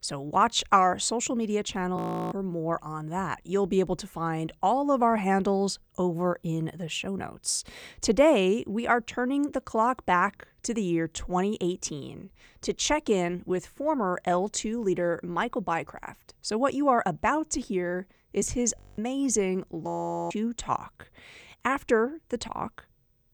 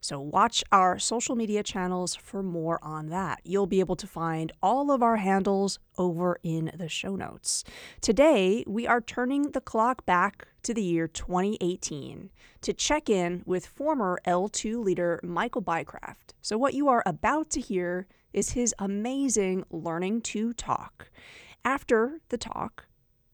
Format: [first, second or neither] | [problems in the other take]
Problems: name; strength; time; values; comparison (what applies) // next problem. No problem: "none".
second | audio freezing; at 2 s, at 19 s and at 20 s